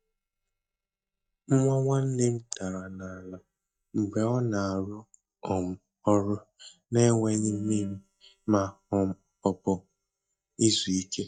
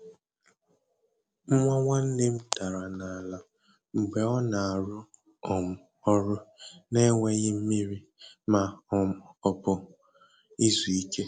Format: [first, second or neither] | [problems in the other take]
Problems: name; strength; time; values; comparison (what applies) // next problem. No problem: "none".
second | noise reduction (neural mask model DeepFilterNet 3)